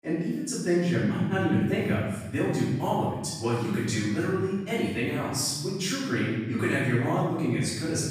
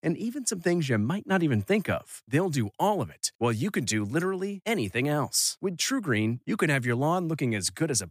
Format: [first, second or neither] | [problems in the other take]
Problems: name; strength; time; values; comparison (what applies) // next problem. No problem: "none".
second | off-mic speech; far // room echo; strong; dies away in 1.3 s